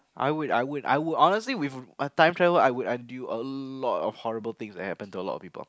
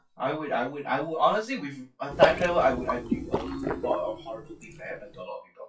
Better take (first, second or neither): first